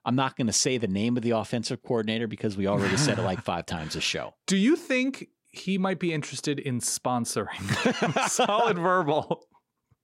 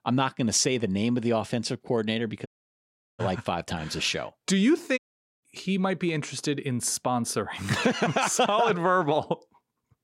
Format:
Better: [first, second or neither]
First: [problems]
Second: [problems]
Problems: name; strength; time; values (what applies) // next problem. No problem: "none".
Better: first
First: none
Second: audio cutting out; at 2.5 s for 0.5 s and at 5 s